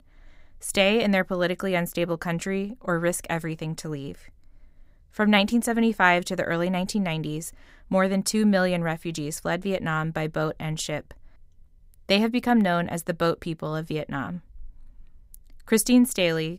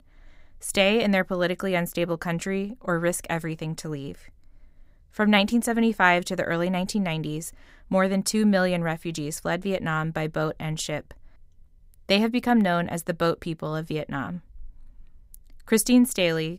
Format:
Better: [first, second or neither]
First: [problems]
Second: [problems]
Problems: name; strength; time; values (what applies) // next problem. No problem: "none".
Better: neither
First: none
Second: none